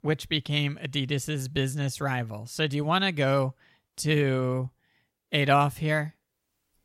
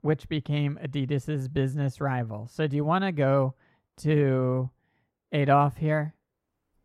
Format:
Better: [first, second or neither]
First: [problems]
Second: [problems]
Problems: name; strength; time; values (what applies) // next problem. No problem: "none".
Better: first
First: none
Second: muffled; slightly; fading above 2 kHz